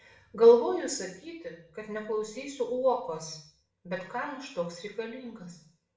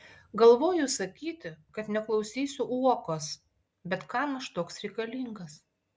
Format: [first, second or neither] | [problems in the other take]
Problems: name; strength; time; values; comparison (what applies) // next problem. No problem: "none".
second | room echo; dies away in 0.5 s